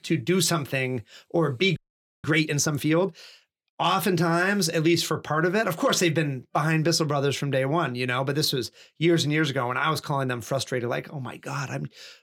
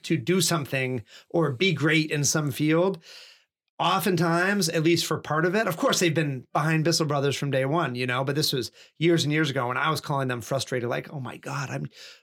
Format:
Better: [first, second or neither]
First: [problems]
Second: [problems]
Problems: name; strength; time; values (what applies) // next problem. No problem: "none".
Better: second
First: audio freezing; at 2 s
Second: none